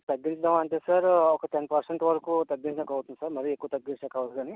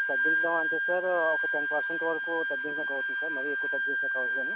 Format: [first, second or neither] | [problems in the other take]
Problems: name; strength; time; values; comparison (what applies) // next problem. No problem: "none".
first | background sound (Wind instrument, woodwind instrument); 4 dB above the speech